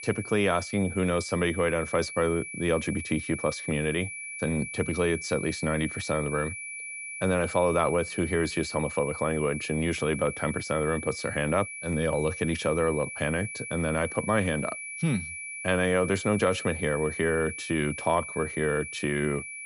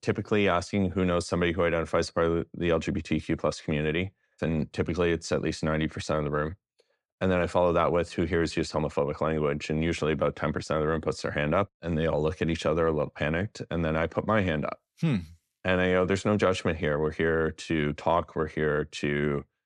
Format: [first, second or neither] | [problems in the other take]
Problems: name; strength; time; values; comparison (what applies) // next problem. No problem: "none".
second | high-pitched whine; loud; throughout; 2.5 kHz, 8 dB below the speech